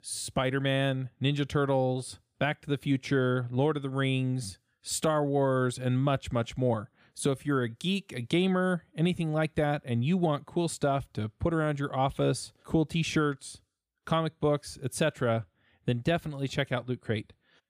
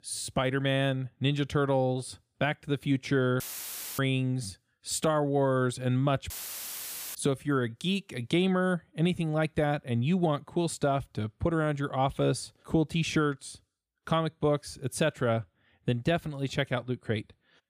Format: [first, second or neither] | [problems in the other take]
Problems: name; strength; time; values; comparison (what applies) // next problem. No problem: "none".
first | audio cutting out; filled with static; at 3.5 s for 0.5 s and at 6.5 s for 1 s